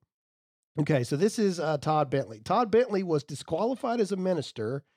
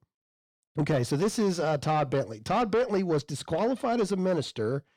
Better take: first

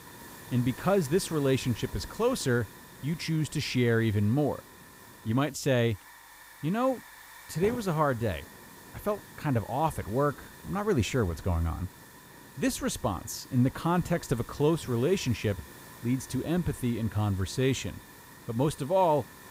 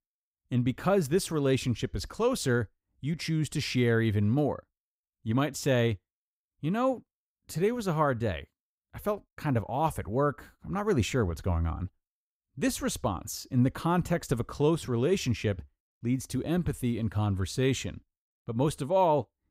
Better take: second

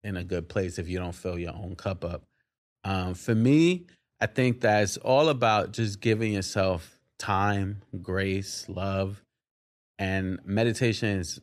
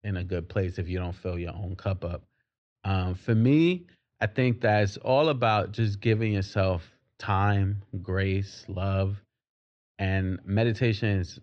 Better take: first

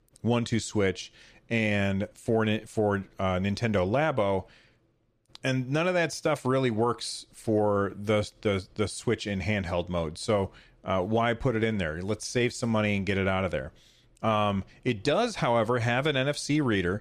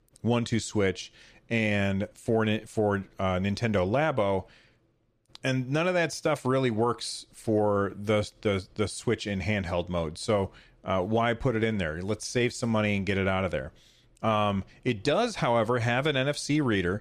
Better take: neither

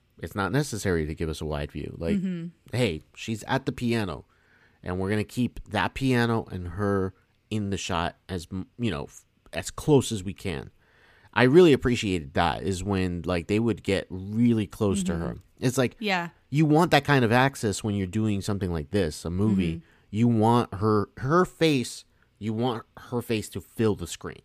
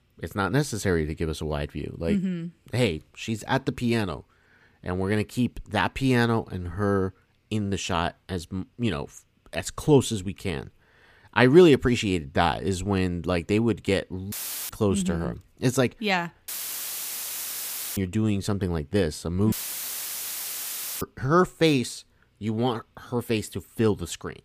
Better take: first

